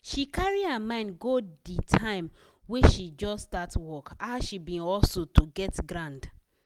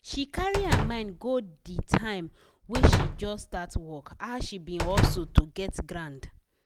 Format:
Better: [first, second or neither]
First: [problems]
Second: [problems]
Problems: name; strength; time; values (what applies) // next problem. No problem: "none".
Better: first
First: none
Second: background sound (Slam); 4 dB below the speech